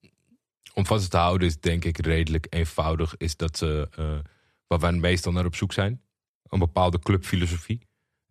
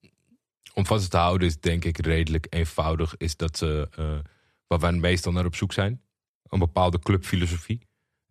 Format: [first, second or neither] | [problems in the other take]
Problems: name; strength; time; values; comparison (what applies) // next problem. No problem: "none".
neither | none